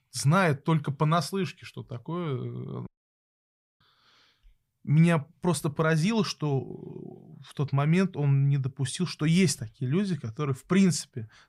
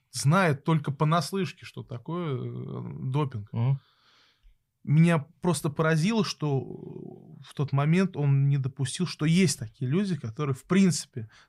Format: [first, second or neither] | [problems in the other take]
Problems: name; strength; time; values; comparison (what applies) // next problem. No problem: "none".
second | audio cutting out; at 3 s for 1 s